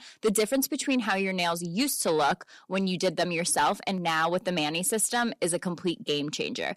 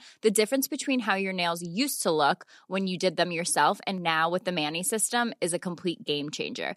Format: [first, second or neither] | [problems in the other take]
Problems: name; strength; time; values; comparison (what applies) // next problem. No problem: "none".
second | distortion; slight; 10 dB below the speech